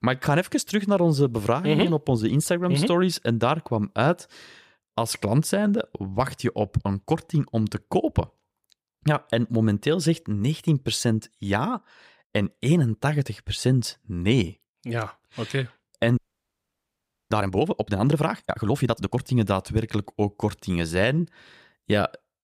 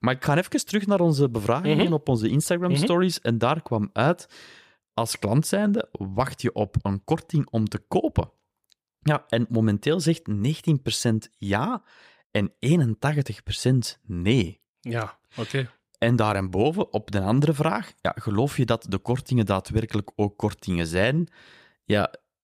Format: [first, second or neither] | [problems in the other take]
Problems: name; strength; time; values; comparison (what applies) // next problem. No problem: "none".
second | audio freezing; at 16 s for 1 s